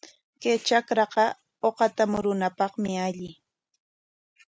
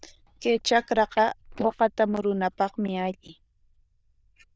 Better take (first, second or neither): first